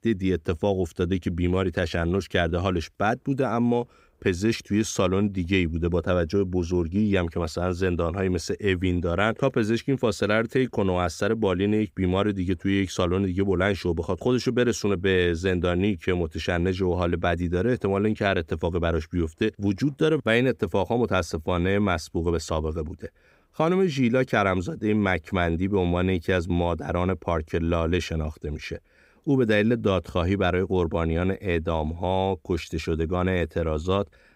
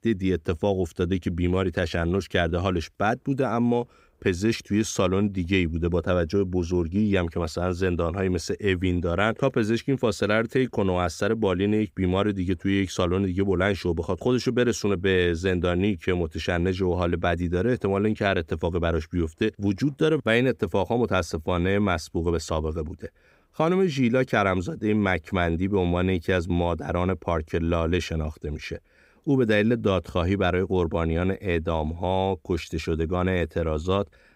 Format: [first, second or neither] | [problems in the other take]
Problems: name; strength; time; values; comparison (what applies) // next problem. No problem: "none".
neither | none